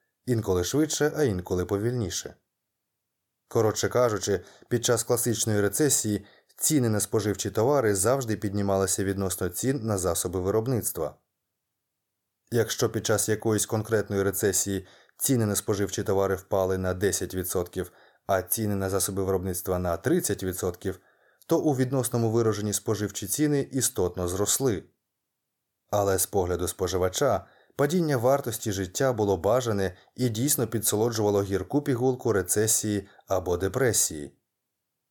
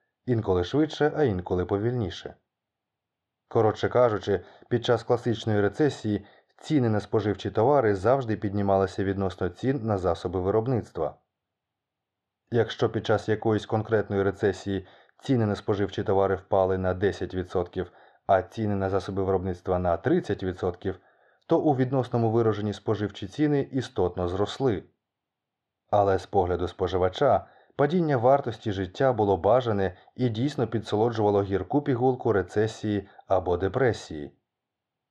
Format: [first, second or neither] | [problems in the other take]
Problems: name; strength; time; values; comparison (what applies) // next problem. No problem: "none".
first | muffled; very; fading above 3.5 kHz